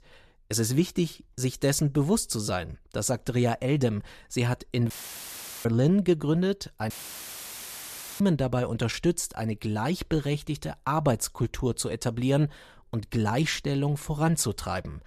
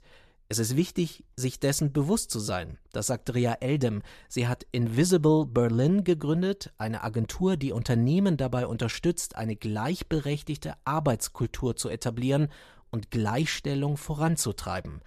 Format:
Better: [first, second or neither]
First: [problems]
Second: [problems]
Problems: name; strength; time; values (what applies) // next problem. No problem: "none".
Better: second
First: audio cutting out; filled with static; at 5 s for 1 s and at 7 s for 1.5 s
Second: none